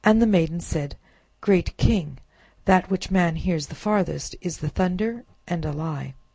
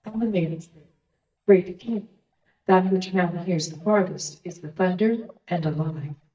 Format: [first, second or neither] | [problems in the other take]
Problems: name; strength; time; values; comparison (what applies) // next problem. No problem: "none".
first | noise reduction (neural mask model DeepFilterNet 3)